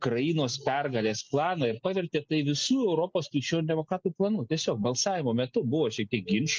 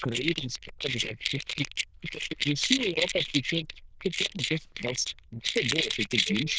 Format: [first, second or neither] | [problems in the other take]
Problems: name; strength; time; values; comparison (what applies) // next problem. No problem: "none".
first | noise reduction (neural diffusion model UNIVERSE++)